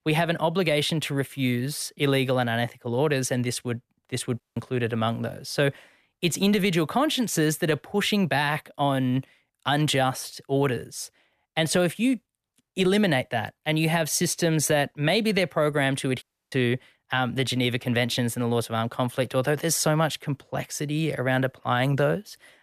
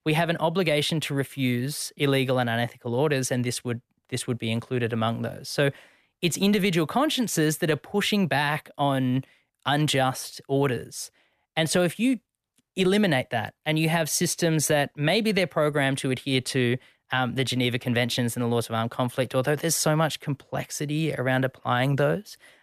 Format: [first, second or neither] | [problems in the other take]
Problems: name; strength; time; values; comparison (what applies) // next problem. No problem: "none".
second | audio cutting out; at 4.5 s and at 16 s